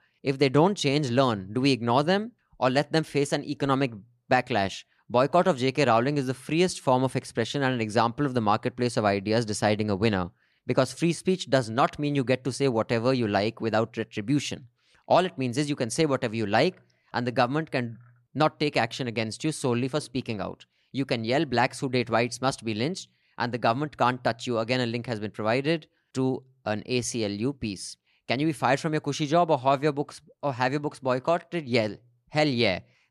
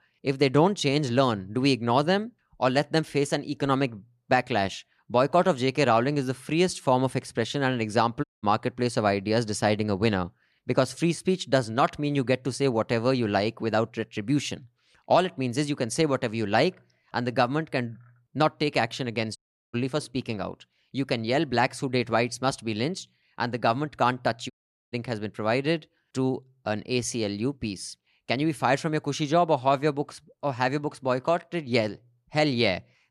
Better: first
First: none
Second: audio cutting out; at 8 s, at 19 s and at 25 s

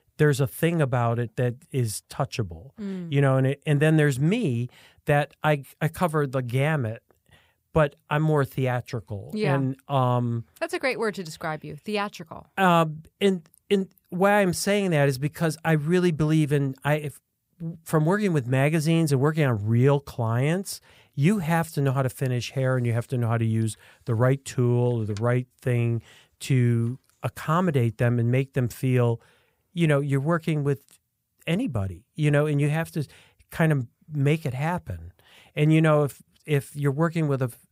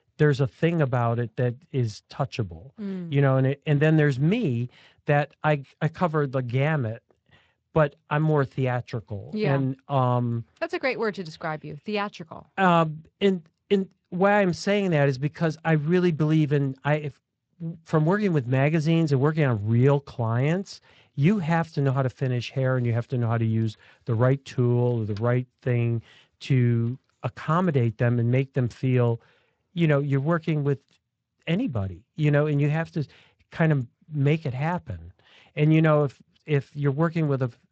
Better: first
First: none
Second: garbled, watery; slightly; nothing above 7.5 kHz

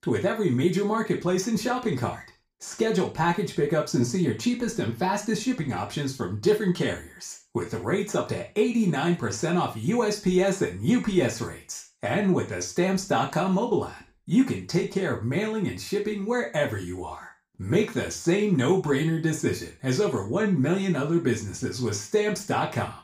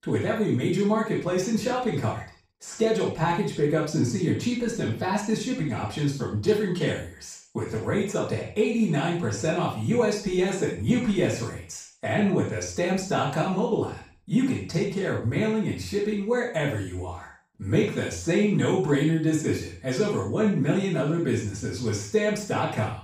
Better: first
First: room echo; slight; dies away in 0.3 s // off-mic speech; somewhat distant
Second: room echo; strong; dies away in 0.4 s // off-mic speech; far

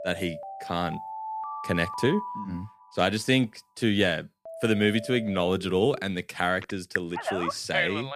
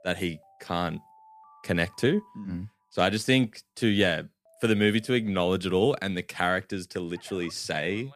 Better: second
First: alarms or sirens; loud; throughout; 8 dB below the speech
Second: alarms or sirens; faint; throughout; 25 dB below the speech

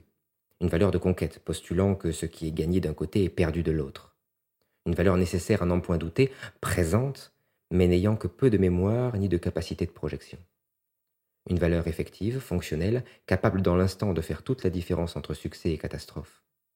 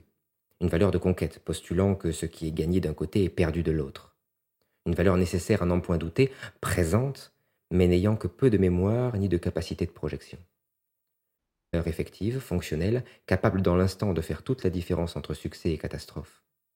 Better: first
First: none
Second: audio cutting out; at 11 s

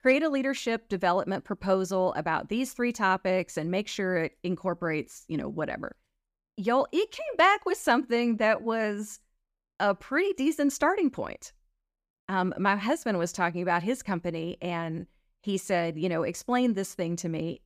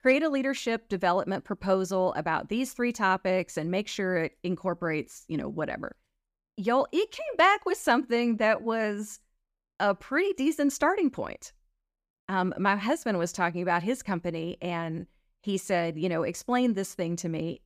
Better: neither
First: none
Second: none

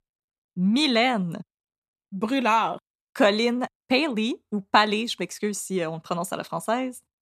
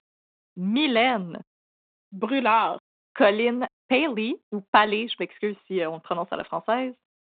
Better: first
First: none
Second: phone-call audio; nothing above 3.5 kHz

